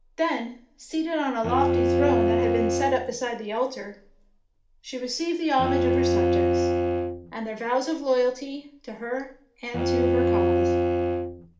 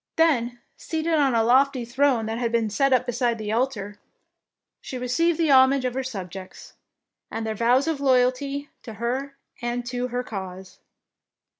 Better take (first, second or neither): second